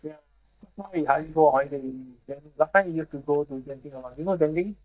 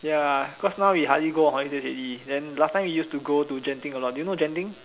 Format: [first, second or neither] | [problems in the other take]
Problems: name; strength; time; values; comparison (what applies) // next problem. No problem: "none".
second | noise reduction (neural mask model DeepFilterNet 3)